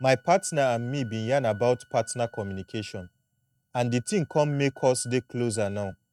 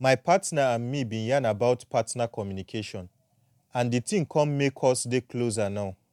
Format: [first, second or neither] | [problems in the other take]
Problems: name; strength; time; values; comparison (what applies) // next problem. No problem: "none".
second | noise reduction (neural mask model RNNoise)